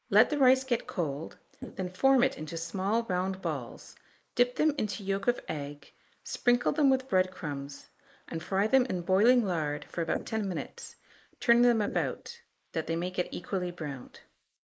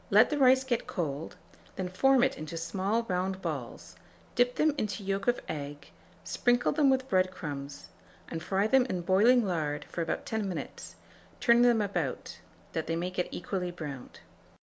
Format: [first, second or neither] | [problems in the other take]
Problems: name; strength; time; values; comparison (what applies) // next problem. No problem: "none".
second | noise reduction (neural mask model Resemble Enhance denoiser)